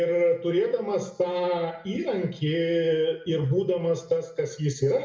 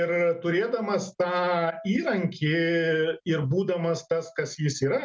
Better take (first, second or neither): second